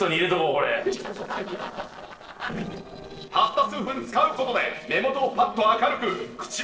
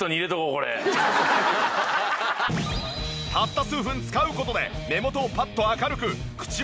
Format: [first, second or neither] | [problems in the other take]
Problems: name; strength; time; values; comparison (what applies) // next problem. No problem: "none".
second | noise reduction (neural separator model SepFormer DNS4)